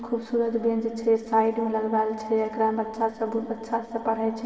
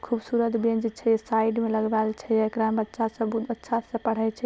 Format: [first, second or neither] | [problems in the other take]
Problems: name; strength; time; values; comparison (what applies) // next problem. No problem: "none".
second | room echo; dies away in 2.3 s